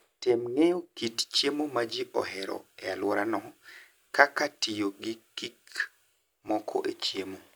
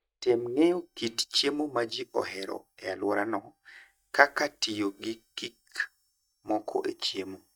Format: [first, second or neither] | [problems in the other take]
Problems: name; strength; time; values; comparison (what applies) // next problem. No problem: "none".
first | noise reduction (neural mask model DeepFilterNet 3)